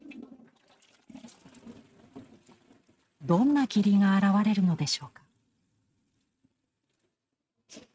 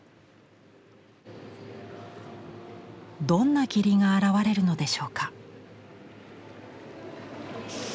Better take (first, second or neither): second